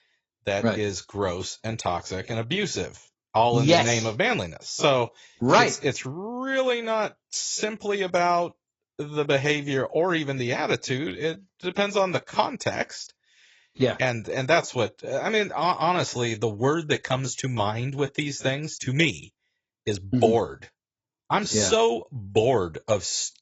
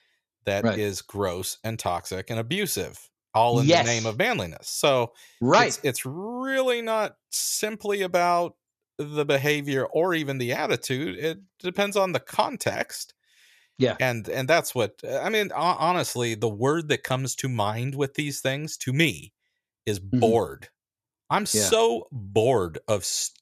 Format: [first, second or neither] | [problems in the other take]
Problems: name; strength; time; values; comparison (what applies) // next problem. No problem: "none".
second | garbled, watery; badly; nothing above 7.5 kHz